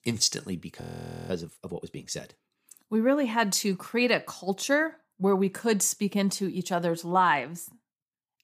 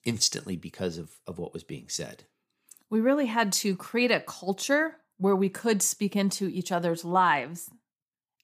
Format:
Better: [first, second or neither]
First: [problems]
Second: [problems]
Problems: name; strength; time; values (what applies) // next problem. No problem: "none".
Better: second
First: audio freezing; at 1 s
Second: none